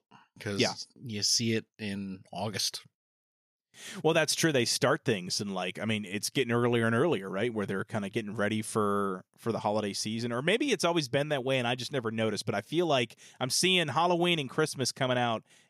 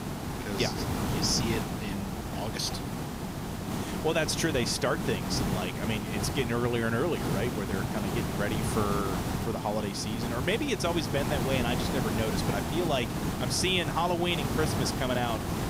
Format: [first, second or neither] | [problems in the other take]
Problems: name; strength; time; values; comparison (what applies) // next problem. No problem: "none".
first | hiss; loud; throughout; 2 dB below the speech